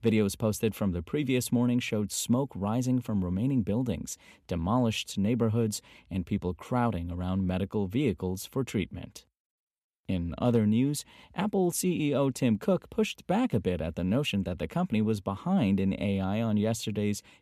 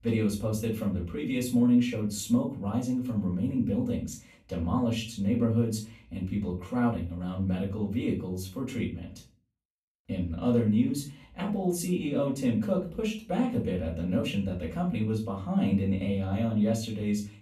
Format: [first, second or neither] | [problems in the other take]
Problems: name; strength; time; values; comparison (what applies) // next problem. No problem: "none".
first | off-mic speech; far // room echo; slight; dies away in 0.3 s